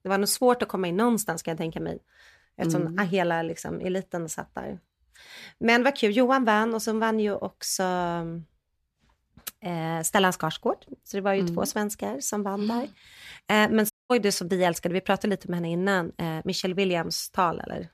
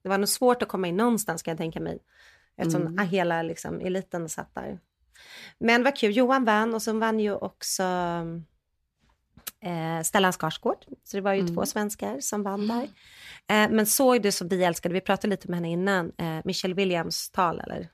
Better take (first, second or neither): second